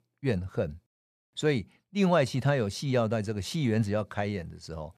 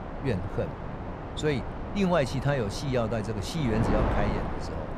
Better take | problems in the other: first | wind noise on the microphone; heavy; 4 dB below the speech

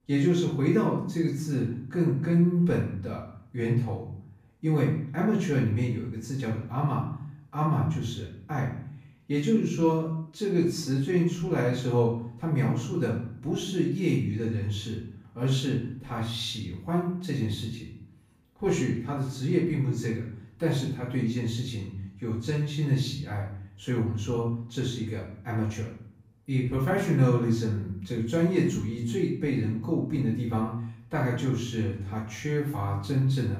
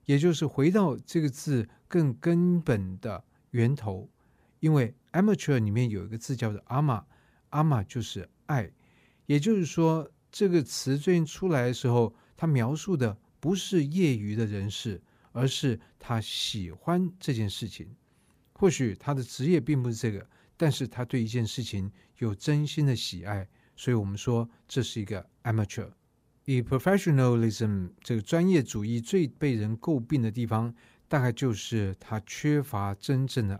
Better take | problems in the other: second | off-mic speech; far // room echo; noticeable; dies away in 0.6 s

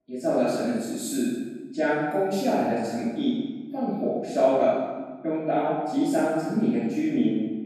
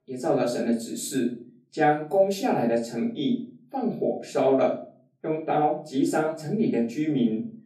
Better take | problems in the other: second | room echo; strong; dies away in 1.3 s; slight in the second // off-mic speech; far; far in the second

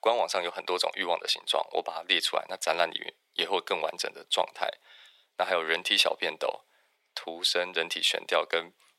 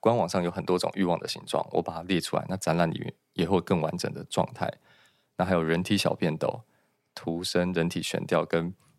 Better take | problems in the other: second | thin; very; fading below 500 Hz

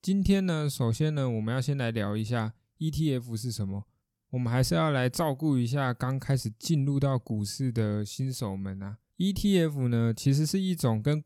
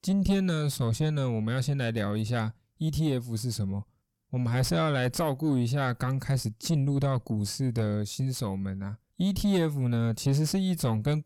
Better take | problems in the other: first | distortion; slight; 10 dB below the speech

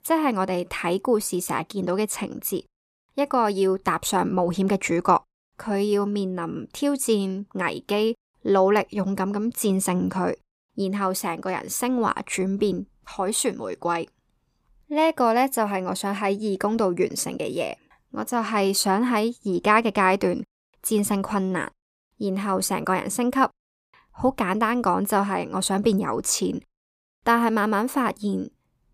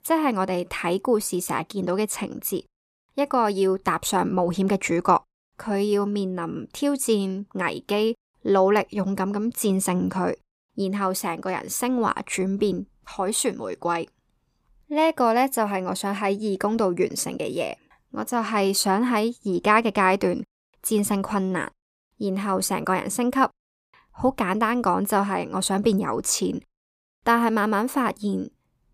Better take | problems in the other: neither | none

